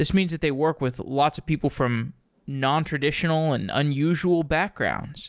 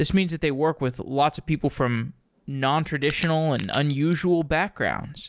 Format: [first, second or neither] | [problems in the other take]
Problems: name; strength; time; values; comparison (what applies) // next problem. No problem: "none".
first | background sound (Crack); 16 dB below the speech